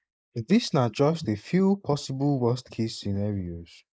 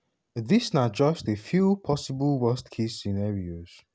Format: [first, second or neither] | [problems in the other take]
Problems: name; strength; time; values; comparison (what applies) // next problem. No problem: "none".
second | noise reduction (neural mask model Resemble Enhance denoiser)